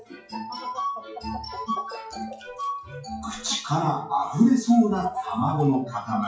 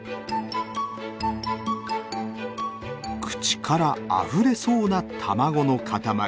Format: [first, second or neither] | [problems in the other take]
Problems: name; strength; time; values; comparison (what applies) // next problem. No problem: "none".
second | noise reduction (classical method WPE with log-MMSE)